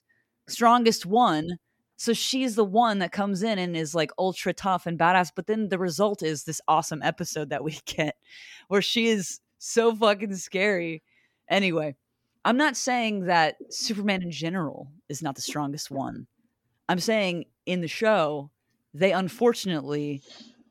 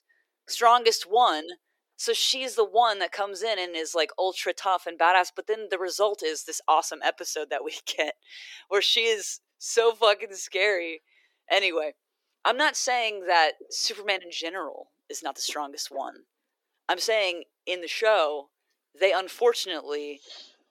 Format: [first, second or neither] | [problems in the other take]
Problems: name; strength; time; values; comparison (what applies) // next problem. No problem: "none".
first | thin; very; fading below 350 Hz